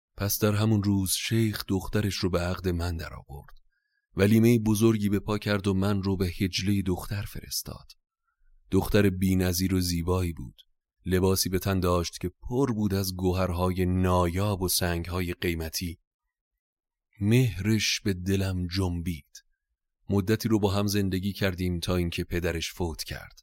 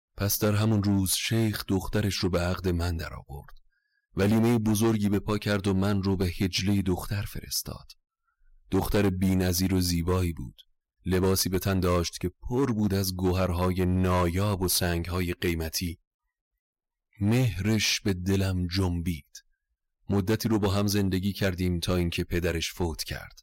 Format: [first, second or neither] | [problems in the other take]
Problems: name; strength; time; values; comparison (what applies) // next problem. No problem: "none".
first | distortion; slight; 7% of the sound clipped